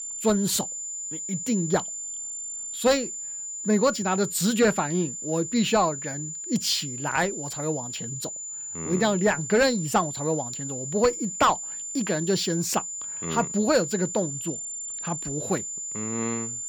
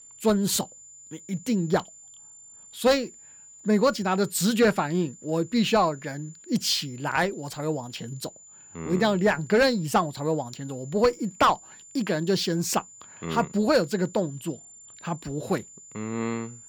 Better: second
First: high-pitched whine; loud; throughout; 7 kHz, 6 dB below the speech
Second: high-pitched whine; faint; throughout; 7 kHz, 20 dB below the speech

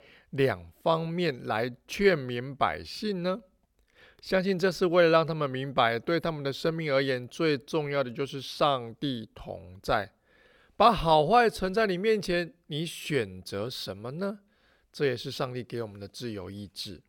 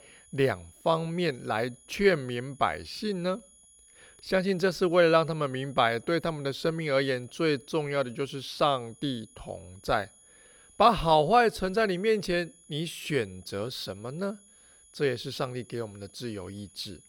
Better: first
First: none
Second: high-pitched whine; faint; throughout; 10.5 kHz, 25 dB below the speech

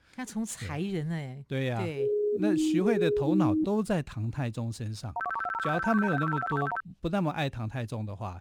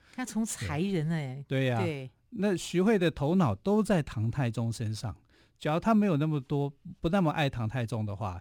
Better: second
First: siren; loud; from 2 to 3.5 s; peak 5 dB above the speech // phone ringing; loud; from 5 to 7 s; peak 1 dB above the speech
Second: none

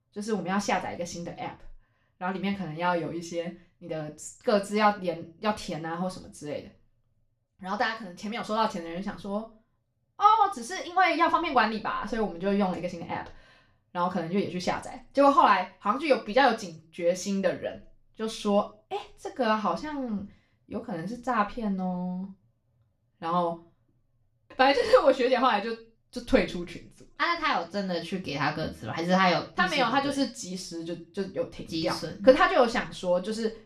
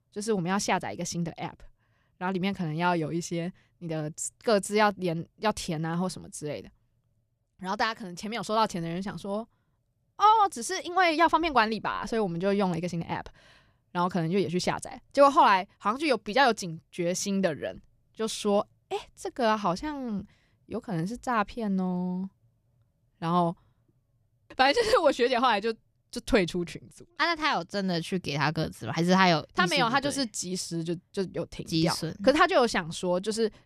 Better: second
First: room echo; slight; dies away in 0.3 s // off-mic speech; somewhat distant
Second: none

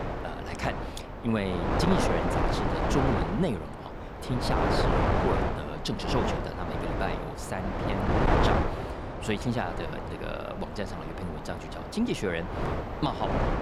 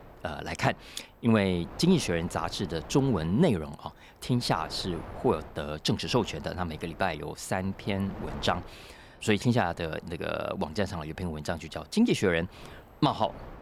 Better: second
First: wind noise on the microphone; heavy; 3 dB above the speech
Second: wind noise on the microphone; occasional gusts; 20 dB below the speech

